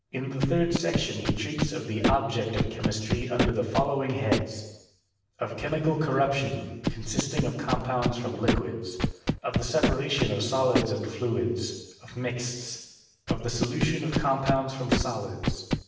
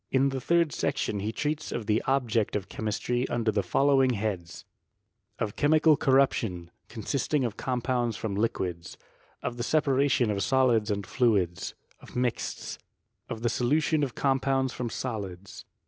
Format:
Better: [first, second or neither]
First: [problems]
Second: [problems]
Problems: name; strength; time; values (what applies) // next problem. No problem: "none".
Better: second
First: background sound (Scratching (performance technique)); 2 dB below the speech // room echo; dies away in 1.1 s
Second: none